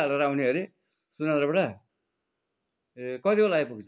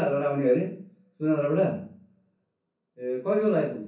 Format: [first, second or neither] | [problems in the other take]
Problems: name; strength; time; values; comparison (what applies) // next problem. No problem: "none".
first | room echo; dies away in 0.6 s